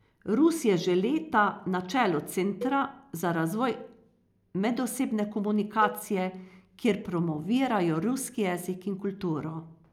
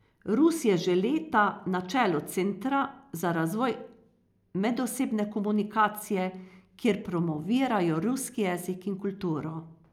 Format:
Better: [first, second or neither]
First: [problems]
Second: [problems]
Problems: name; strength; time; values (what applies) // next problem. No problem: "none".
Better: second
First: background sound (Cowbell); 15 dB below the speech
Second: none